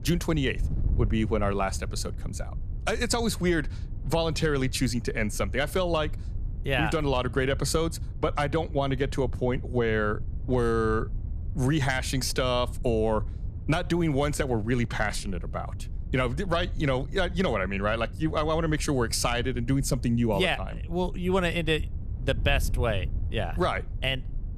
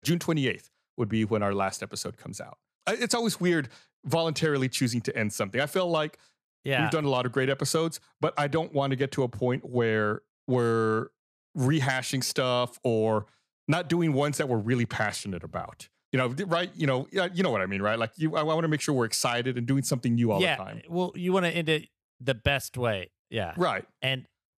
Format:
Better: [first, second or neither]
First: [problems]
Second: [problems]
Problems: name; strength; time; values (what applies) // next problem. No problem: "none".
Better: second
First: wind noise on the microphone; occasional gusts; 25 dB below the speech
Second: none